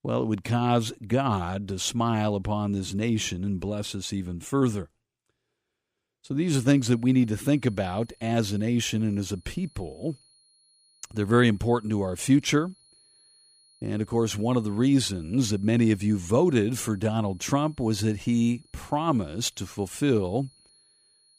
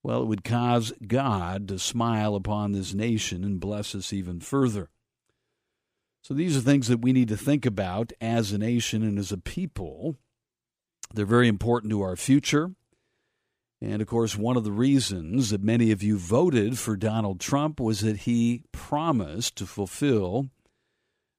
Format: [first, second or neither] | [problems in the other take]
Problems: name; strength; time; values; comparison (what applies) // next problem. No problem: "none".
second | high-pitched whine; faint; from 6.5 s on; 4.5 kHz, 30 dB below the speech